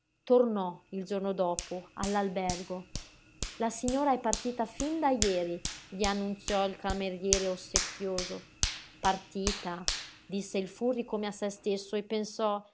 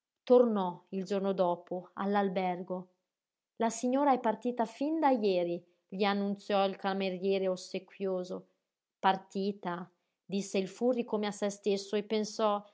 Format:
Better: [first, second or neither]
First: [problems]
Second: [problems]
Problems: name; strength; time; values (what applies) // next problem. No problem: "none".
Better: second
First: background sound (Hands); 7 dB below the speech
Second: none